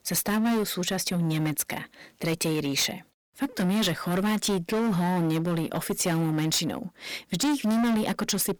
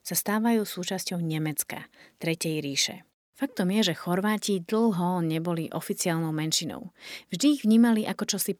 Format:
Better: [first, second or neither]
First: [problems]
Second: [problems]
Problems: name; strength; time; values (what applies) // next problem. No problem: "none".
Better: second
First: distortion; heavy; 21% of the sound clipped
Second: none